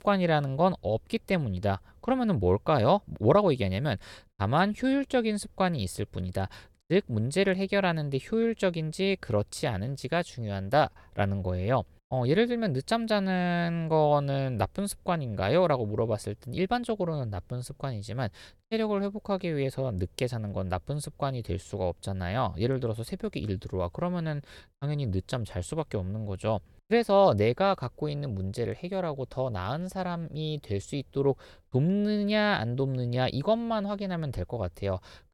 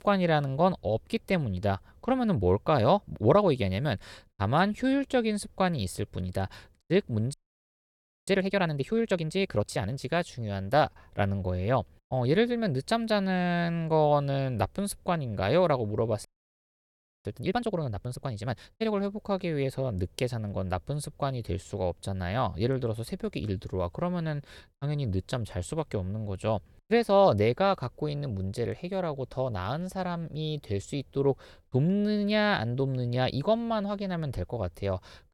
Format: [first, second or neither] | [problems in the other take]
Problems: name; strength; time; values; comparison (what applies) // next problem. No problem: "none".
first | audio freezing; at 7.5 s for 1 s and at 16 s for 1 s